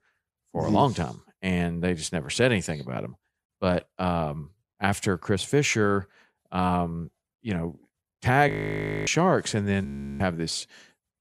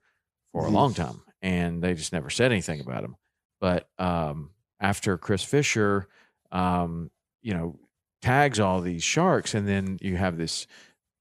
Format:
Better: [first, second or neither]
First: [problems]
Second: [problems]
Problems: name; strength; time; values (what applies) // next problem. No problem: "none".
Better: second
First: audio freezing; at 8.5 s for 0.5 s and at 10 s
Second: none